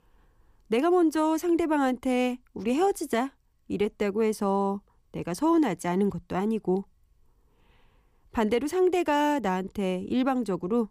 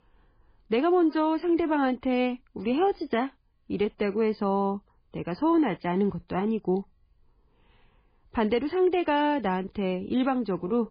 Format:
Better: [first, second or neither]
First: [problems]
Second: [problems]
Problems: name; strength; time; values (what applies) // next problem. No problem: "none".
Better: first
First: none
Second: garbled, watery; badly; nothing above 4 kHz